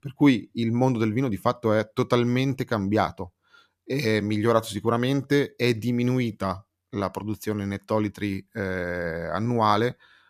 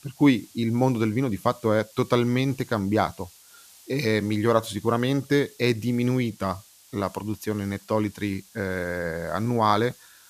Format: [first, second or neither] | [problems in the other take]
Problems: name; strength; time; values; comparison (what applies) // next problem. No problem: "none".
first | hiss; faint; throughout; 25 dB below the speech